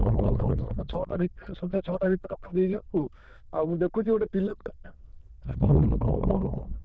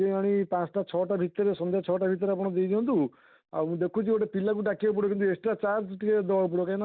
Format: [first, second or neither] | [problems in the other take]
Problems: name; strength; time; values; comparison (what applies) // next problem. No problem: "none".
second | noise reduction (neural diffusion model UNIVERSE++)